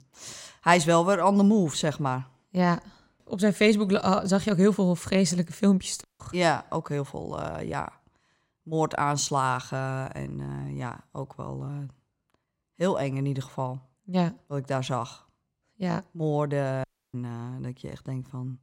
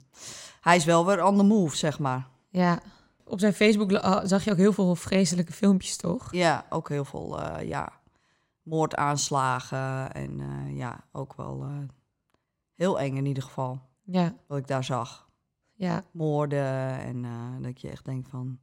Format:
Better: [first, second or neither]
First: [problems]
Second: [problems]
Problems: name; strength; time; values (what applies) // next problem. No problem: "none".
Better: second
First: audio cutting out; at 6 s and at 17 s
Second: none